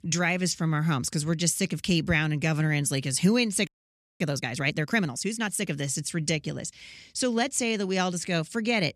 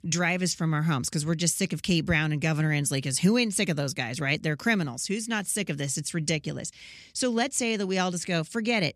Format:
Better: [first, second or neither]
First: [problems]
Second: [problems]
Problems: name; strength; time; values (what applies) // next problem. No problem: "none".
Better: second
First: audio freezing; at 3.5 s for 0.5 s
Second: none